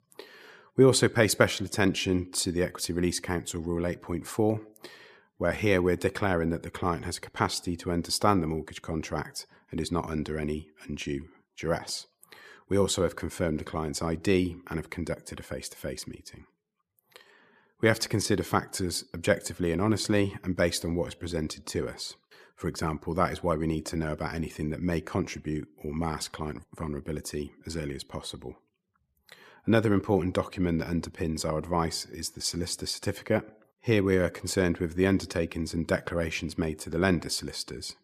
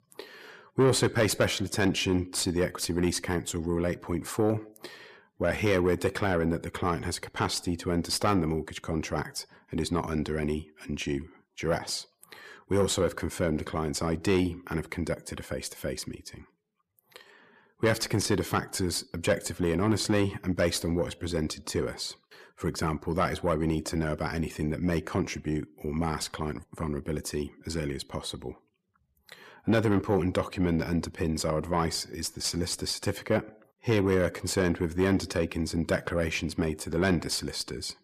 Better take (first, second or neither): first